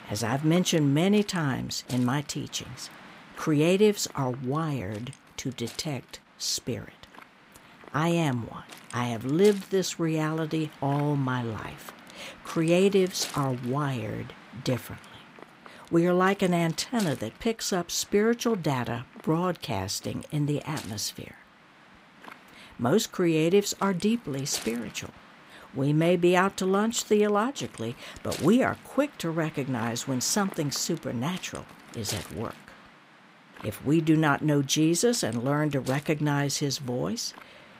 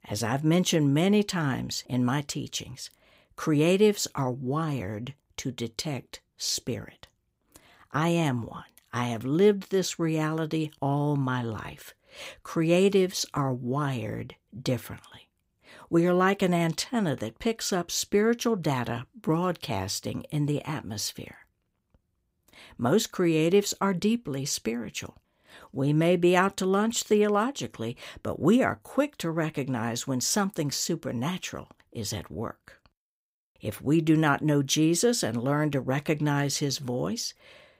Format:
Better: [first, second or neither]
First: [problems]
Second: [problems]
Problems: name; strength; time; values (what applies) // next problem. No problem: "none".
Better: second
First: wind noise on the microphone; occasional gusts; 15 dB below the speech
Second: none